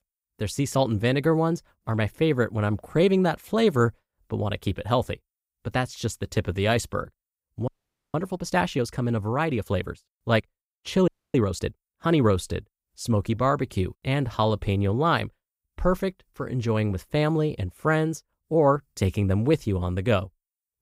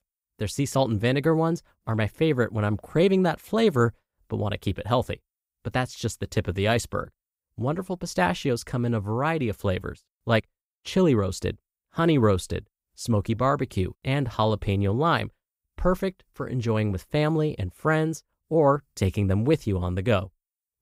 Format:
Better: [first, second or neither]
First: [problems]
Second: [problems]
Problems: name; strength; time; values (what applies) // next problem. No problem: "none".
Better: second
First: audio freezing; at 7.5 s and at 11 s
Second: none